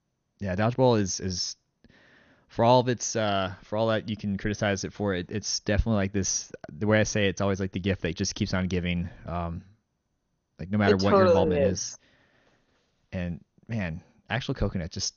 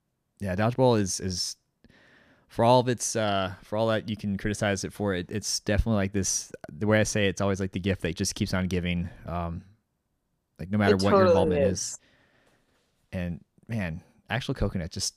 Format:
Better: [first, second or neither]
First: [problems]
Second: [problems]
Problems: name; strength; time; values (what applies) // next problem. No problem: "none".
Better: second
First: garbled, watery; slightly; nothing above 6.5 kHz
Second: none